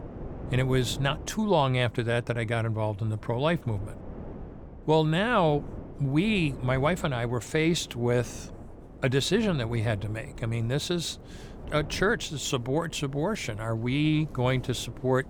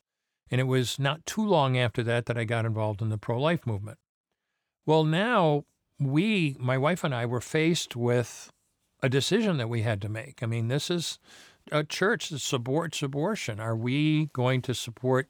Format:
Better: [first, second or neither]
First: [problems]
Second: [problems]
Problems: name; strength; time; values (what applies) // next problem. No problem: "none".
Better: second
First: wind noise on the microphone; occasional gusts; 20 dB below the speech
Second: none